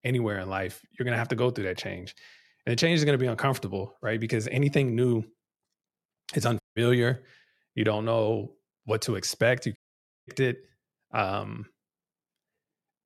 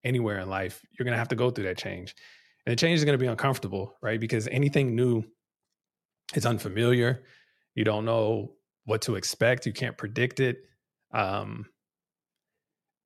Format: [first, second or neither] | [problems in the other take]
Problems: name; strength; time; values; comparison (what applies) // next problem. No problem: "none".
second | audio cutting out; at 6.5 s and at 10 s for 0.5 s